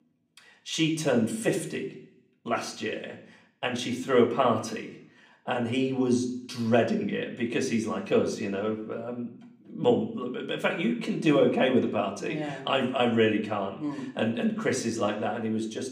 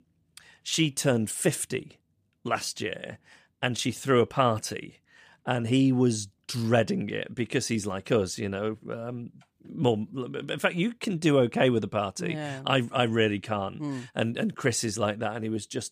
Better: second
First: room echo; slight; dies away in 0.7 s // off-mic speech; somewhat distant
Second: none

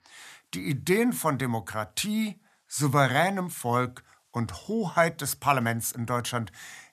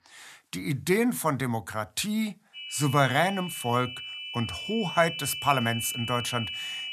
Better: first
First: none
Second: high-pitched whine; loud; from 2.5 s on; 3 kHz, 7 dB below the speech

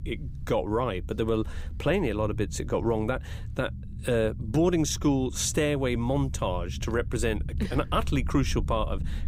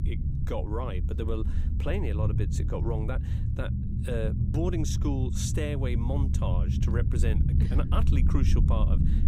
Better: first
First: low rumble; faint; throughout; 20 dB below the speech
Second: low rumble; loud; throughout; 5 dB below the speech

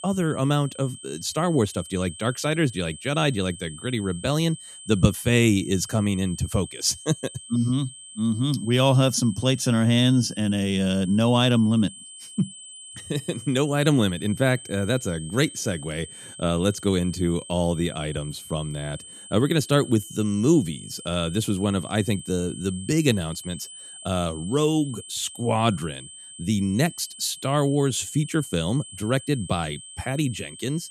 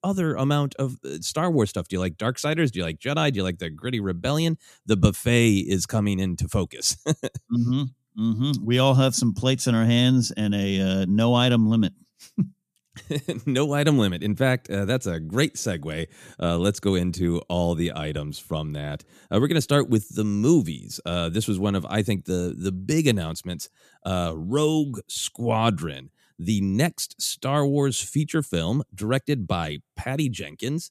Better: second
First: high-pitched whine; noticeable; throughout; 8 kHz, 15 dB below the speech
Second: none

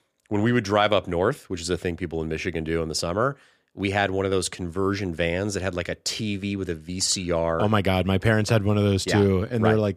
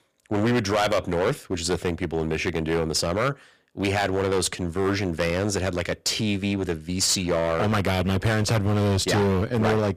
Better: first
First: none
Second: distortion; heavy; 15% of the sound clipped

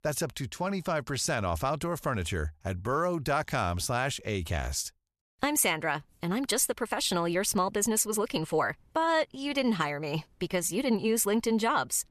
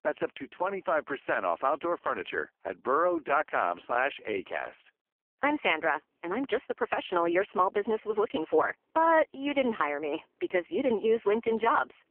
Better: first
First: none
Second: phone-call audio; poor line; nothing above 3 kHz

